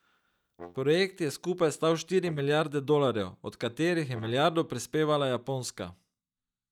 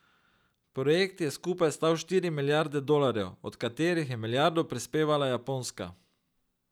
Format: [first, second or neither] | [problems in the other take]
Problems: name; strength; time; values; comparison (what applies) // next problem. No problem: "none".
second | noise reduction (neural mask model DeepFilterNet 3)